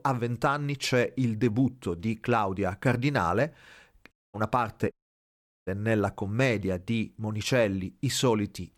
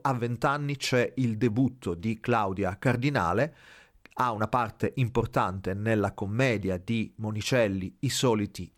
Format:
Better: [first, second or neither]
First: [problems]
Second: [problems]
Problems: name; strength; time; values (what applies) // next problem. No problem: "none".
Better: second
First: audio cutting out; at 4 s and at 5 s for 0.5 s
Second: none